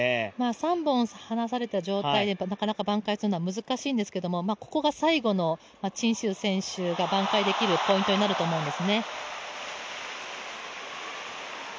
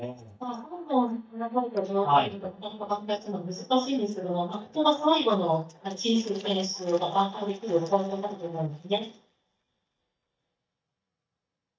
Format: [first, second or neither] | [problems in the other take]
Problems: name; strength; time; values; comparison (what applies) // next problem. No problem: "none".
first | noise reduction (neural mask model DeepFilterNet 3)